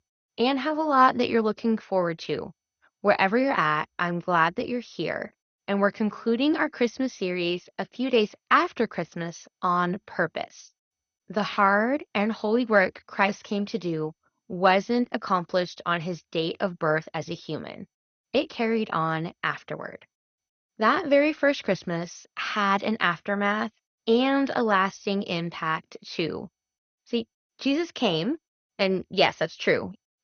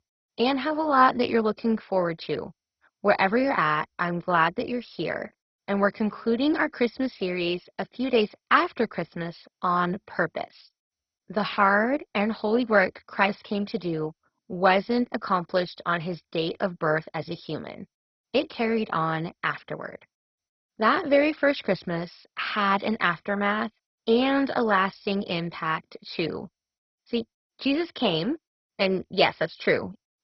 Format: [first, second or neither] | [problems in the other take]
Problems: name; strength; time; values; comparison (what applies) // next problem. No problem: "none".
first | garbled, watery; badly; nothing above 5.5 kHz; slightly in the first